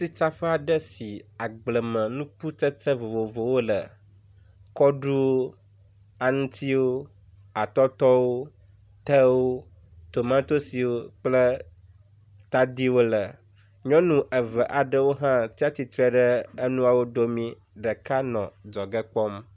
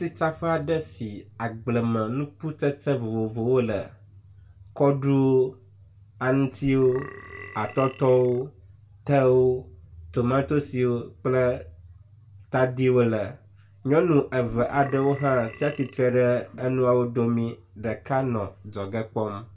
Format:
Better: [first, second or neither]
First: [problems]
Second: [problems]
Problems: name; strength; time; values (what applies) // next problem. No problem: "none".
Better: first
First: none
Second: background sound (Burping, eructation); 18 dB below the speech // room echo; dies away in 0.2 s